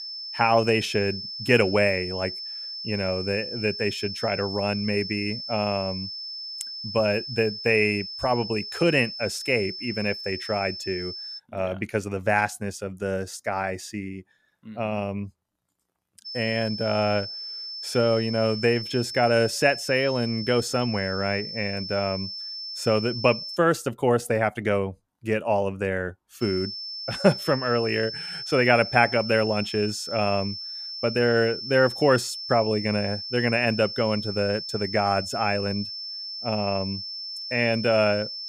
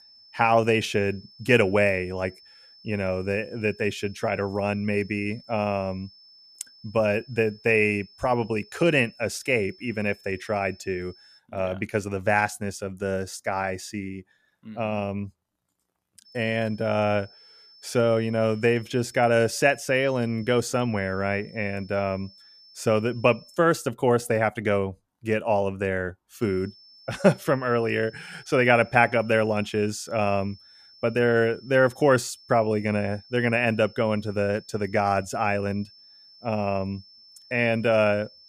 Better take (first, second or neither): second